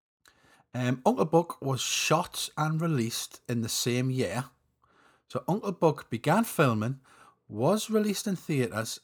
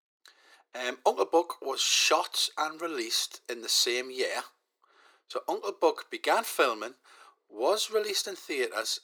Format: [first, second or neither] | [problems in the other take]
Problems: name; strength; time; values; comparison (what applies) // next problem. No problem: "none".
first | thin; very; fading below 350 Hz